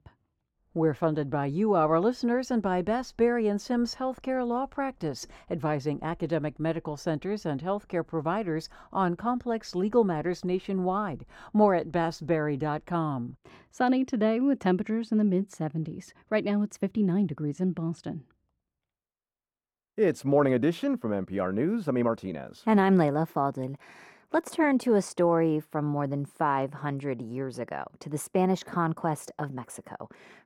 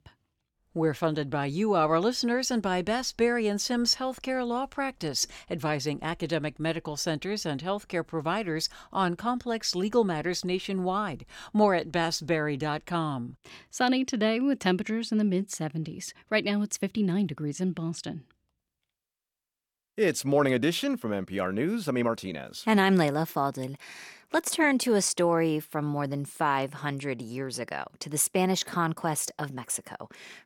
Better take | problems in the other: second | muffled; slightly; fading above 2 kHz

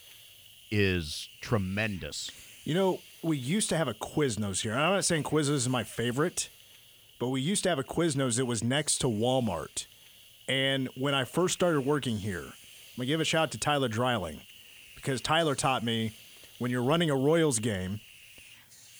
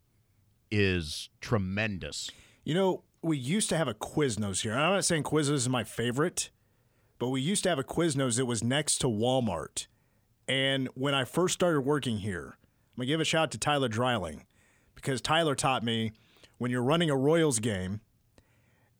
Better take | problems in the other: second | hiss; faint; throughout; 20 dB below the speech

